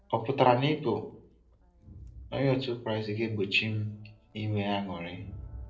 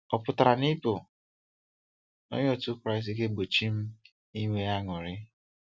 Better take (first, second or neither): second